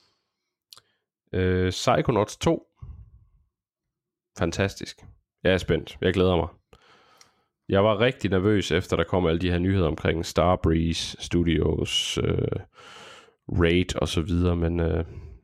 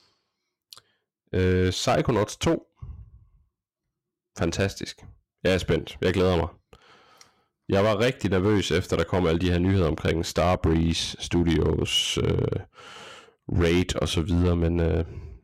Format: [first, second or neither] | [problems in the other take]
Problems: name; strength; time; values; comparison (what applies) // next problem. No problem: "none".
first | distortion; slight; 6% of the sound clipped